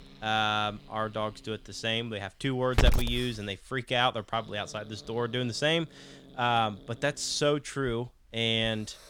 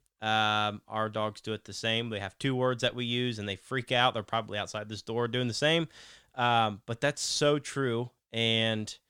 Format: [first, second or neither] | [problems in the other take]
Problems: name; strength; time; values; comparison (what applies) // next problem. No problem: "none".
second | hiss; loud; throughout; 1 dB below the speech